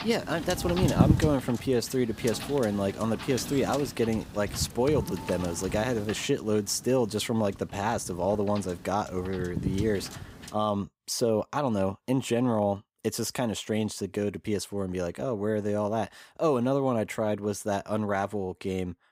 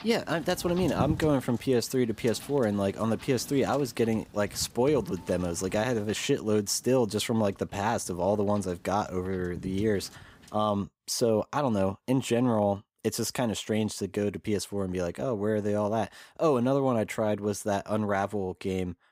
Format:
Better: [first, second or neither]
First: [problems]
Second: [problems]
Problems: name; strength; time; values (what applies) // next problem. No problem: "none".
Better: second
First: wind noise on the microphone; heavy; until 11 s; 9 dB below the speech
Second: wind noise on the microphone; occasional gusts; until 11 s; 20 dB below the speech